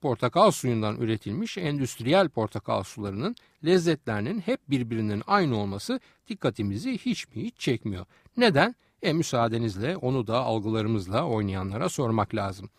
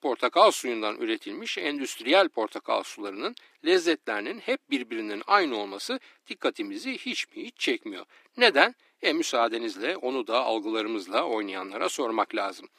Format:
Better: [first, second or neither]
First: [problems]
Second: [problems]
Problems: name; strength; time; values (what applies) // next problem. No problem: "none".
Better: first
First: none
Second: thin; somewhat; fading below 300 Hz